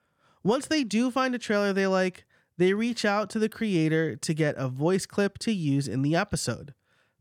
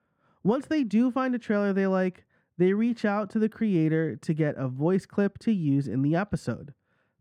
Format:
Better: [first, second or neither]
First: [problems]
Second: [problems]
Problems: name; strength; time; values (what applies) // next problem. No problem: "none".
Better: first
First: none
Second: muffled; slightly; fading above 3 kHz